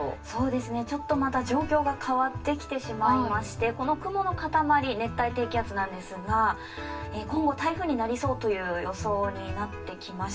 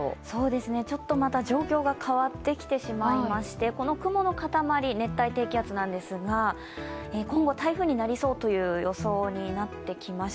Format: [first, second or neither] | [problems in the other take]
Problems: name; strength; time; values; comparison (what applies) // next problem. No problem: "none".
second | room echo; dies away in 0.2 s